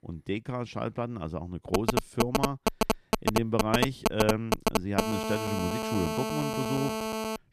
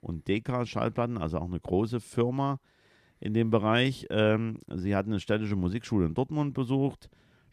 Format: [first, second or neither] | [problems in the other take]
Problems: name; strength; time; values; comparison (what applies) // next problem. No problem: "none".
second | phone ringing; loud; from 1.5 s on; peak 4 dB above the speech